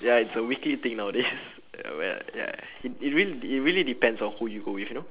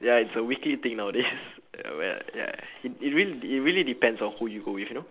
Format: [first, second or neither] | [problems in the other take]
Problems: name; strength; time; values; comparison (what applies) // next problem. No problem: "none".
second | background sound (Bicycle); 15 dB below the speech